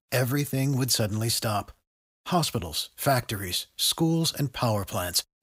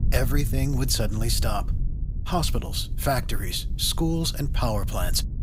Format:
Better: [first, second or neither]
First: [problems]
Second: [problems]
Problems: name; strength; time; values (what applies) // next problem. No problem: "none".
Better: first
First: none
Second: low rumble; noticeable; throughout; 20 dB below the speech